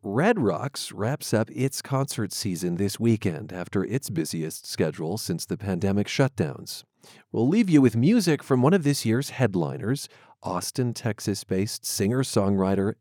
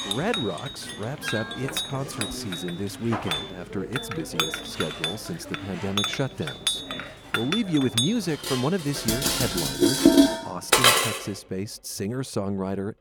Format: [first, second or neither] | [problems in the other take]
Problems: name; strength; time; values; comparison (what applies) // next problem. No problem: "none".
first | household noises; very loud; throughout; 5 dB above the speech